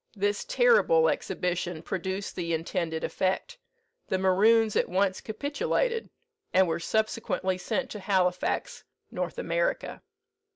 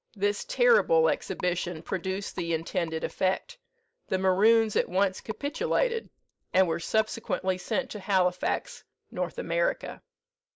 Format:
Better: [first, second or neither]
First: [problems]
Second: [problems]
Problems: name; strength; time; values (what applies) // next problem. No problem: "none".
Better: first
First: none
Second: noise reduction (neural mask model Resemble Enhance denoiser)